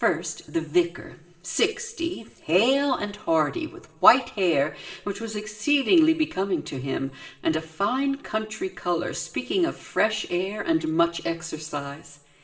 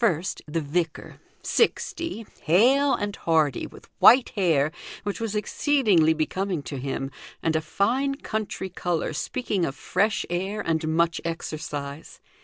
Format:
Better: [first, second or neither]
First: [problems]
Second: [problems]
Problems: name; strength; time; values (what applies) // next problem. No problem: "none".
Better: second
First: room echo; dies away in 1.3 s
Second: none